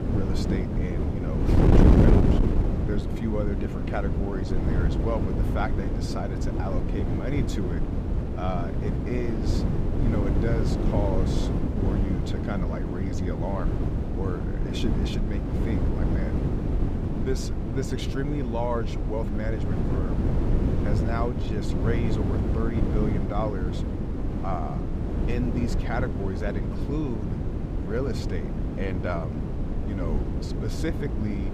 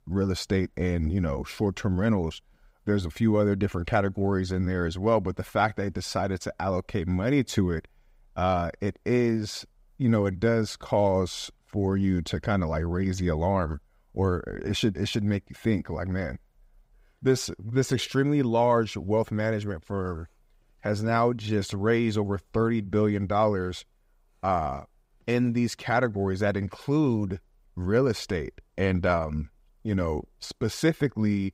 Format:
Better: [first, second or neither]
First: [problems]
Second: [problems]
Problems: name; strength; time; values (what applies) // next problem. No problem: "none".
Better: second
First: wind noise on the microphone; heavy; as loud as the speech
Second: none